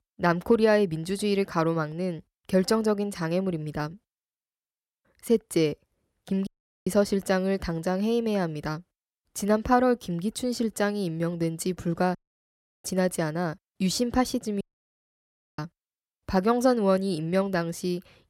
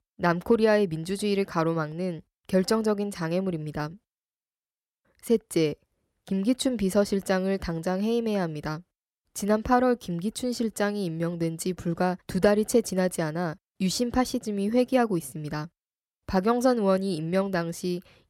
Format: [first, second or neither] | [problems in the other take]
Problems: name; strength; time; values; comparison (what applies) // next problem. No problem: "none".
second | audio cutting out; at 6.5 s, at 12 s for 0.5 s and at 15 s for 1 s